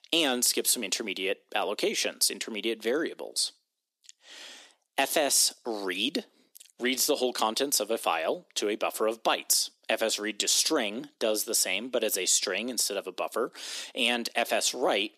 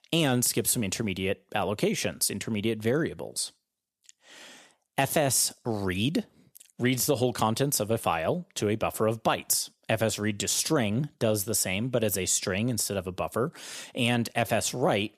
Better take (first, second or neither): second